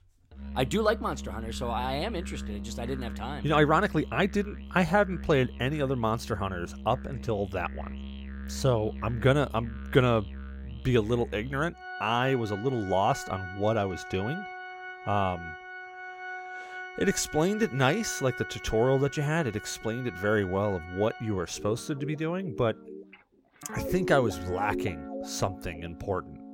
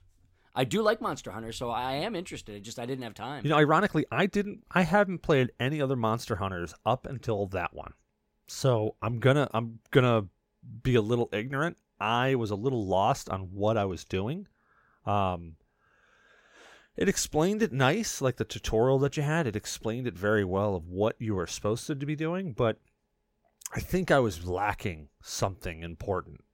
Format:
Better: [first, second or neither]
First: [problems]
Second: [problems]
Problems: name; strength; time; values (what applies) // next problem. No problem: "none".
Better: second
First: background music; noticeable; throughout; 10 dB below the speech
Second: none